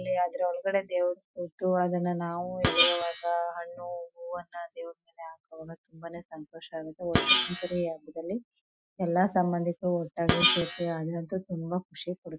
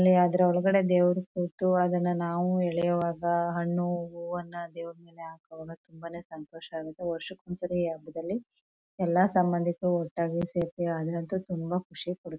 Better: second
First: noise reduction (classical method Wiener filter)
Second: none

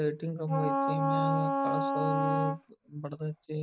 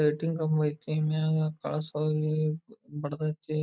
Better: second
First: background sound (Wind instrument, woodwind instrument); 2 dB above the speech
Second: none

